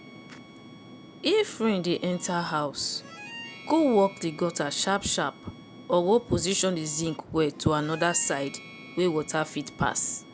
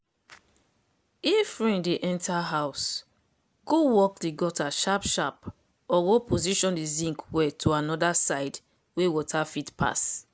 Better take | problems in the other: second | background sound (Fixed-wing aircraft, airplane + Harmonica); 17 dB below the speech

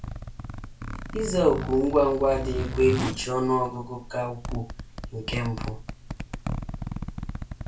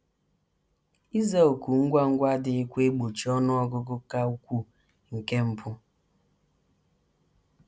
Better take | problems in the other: second | background sound (Zipper (clothing)); 6 dB below the speech // room echo; dies away in 0.2 s

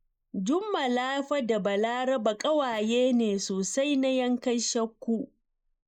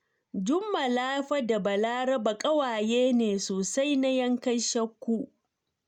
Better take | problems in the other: second | noise reduction (neural mask model Resemble Enhance denoiser)

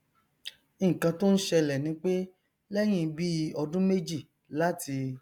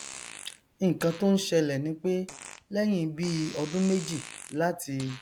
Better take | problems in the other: first | background sound (Fart); 17 dB below the speech

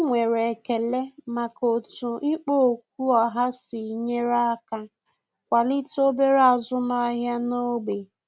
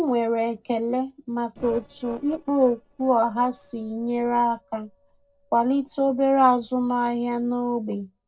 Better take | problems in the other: first | noise reduction (neural separator model SepFormer DNS4)

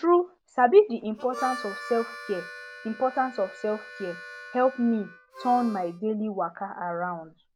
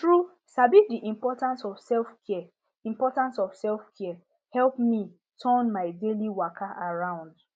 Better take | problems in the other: second | background sound (Harmonica); 16 dB below the speech

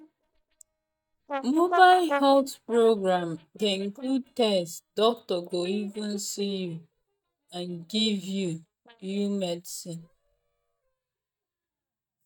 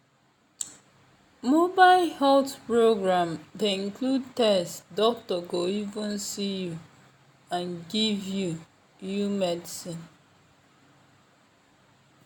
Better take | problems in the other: second | noise reduction (neural mask model DeepFilterNet 3)

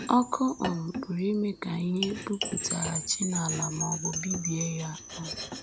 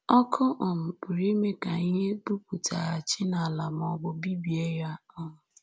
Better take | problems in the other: second | background sound (Domestic sounds, home sounds + Wind chime); 5 dB below the speech

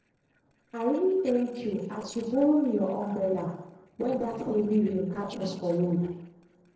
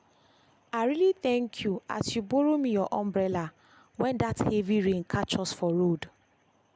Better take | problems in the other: second | noise reduction (neural separator model SepFormer DNS4)

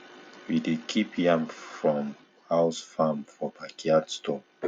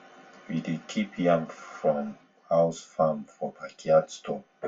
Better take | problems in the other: first | room echo; dies away in 0.2 s

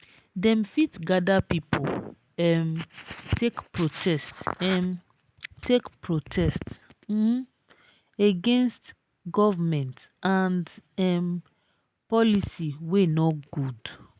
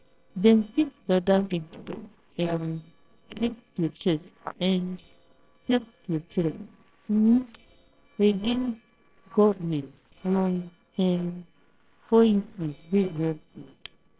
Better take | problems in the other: first | noise reduction (neural separator model SepFormer WHAMR!)

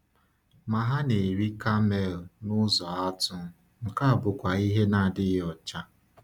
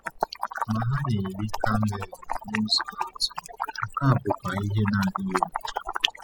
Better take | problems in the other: first | noise reduction (classical method spectral subtraction)

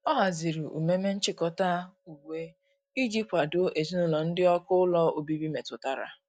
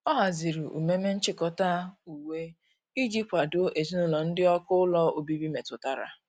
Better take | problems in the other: second | noise reduction (neural mask model DeepFilterNet 3)

